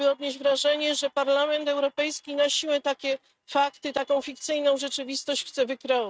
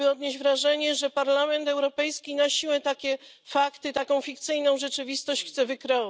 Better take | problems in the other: second | noise reduction (neural mask model RNNoise)

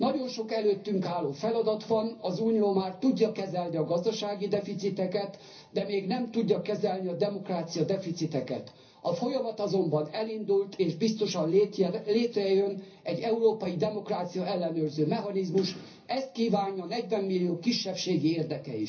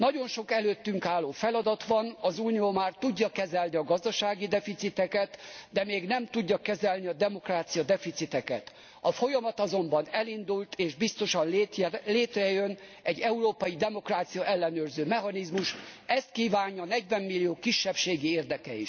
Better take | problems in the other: second | room echo; dies away in 0.5 s

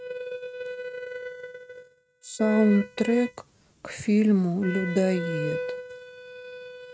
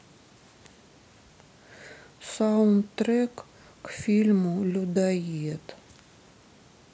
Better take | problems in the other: second | noise reduction (neural mask model RNNoise)

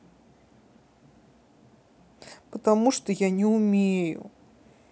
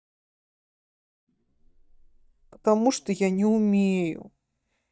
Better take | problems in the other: first | noise reduction (neural mask model DeepFilterNet 3)

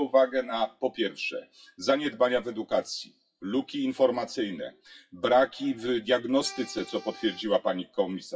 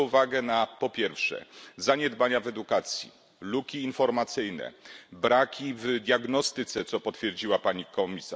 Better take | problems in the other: second | noise reduction (classical method WPE with log-MMSE)

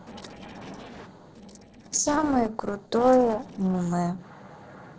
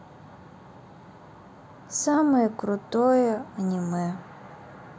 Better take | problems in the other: second | noise reduction (neural separator model SepFormer DNS4)

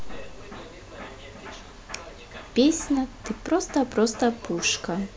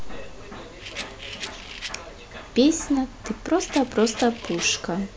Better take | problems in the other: first | background sound (Rattle); 13 dB below the speech

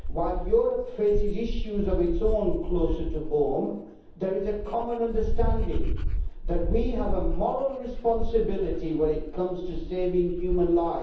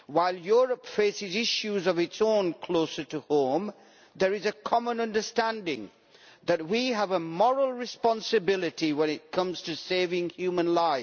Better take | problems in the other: second | background sound (Dog); 1 dB below the speech // room echo; dies away in 0.9 s

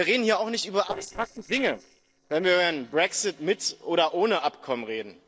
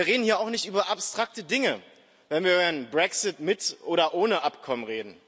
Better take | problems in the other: second | noise reduction (neural separator model SepFormer DNS4)

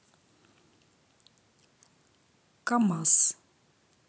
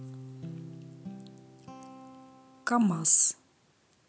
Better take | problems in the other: first | background sound (Guitar); 15 dB below the speech

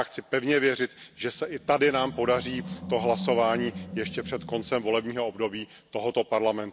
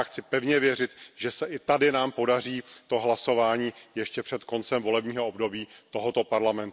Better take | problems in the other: second | background sound (Animal); 13 dB below the speech

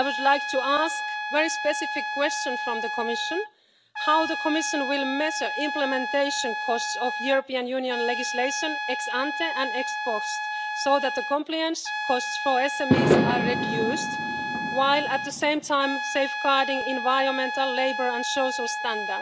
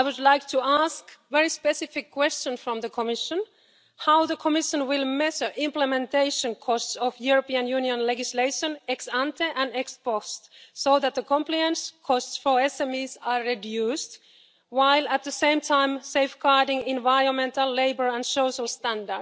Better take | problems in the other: second | background sound (Trumpet + Fireworks); 2 dB below the speech

